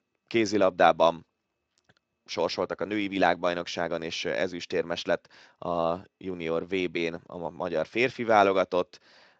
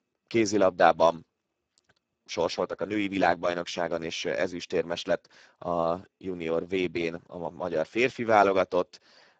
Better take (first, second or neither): first